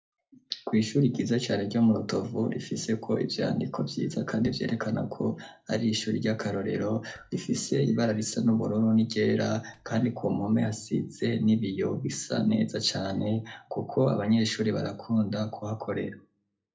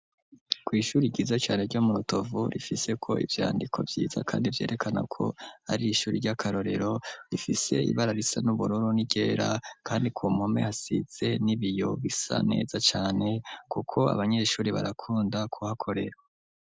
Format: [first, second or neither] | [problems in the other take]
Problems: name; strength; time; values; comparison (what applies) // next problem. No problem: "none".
second | noise reduction (neural separator model SepFormer DNS4)